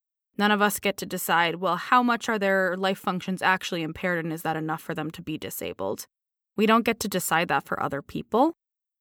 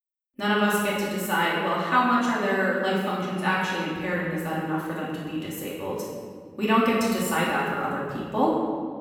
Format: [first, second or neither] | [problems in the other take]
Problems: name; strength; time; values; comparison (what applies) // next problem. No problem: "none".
first | room echo; strong; dies away in 1.8 s // off-mic speech; far